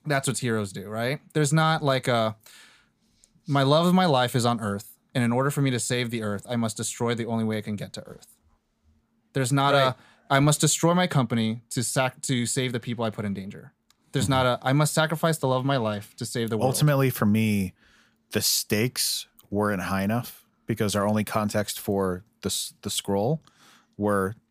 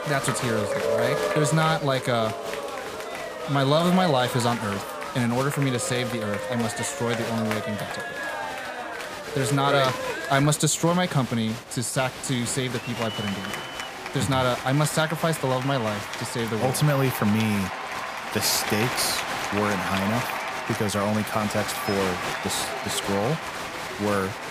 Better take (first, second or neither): first